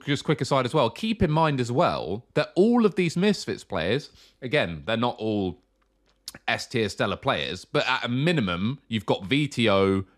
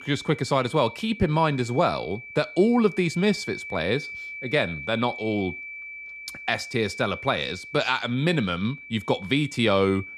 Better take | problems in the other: first | high-pitched whine; noticeable; throughout; 2.5 kHz, 10 dB below the speech

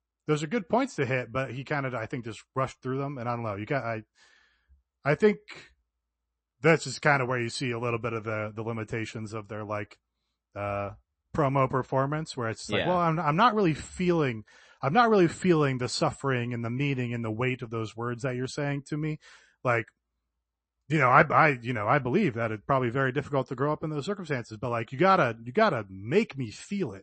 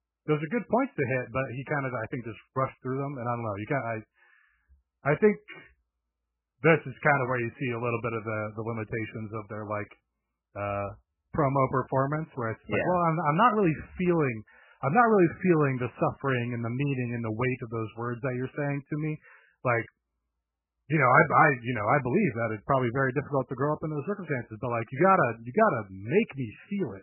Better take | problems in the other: first | garbled, watery; badly; nothing above 2.5 kHz; slightly in the first

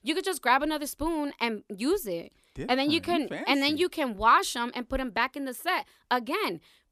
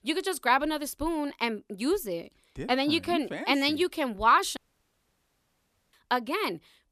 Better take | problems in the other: first | audio cutting out; at 4.5 s for 1.5 s

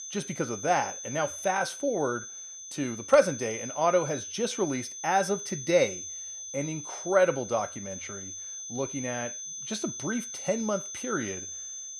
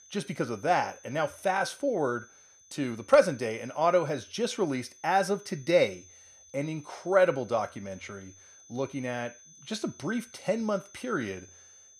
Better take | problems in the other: second | high-pitched whine; loud; throughout; 6 kHz, 8 dB below the speech; faint in the second

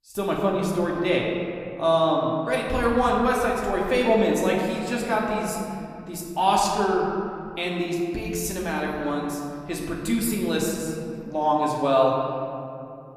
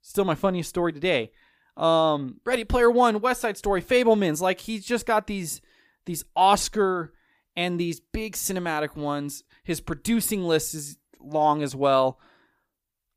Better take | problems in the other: second | room echo; noticeable; dies away in 2.4 s // off-mic speech; somewhat distant

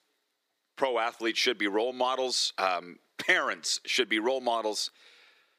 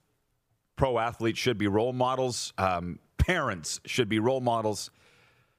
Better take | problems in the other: second | thin; somewhat; fading below 300 Hz

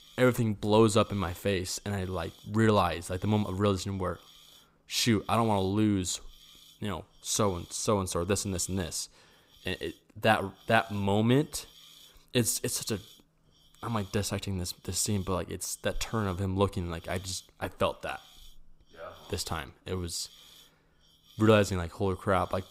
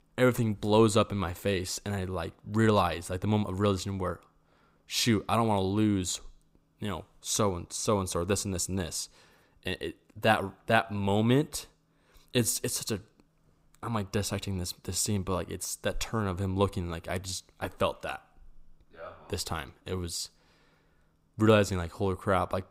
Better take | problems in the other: second | hiss; faint; throughout; 25 dB below the speech

